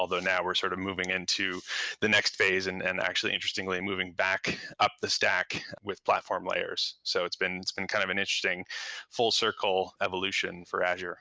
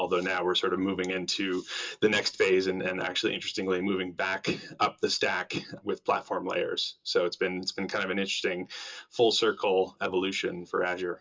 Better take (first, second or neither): first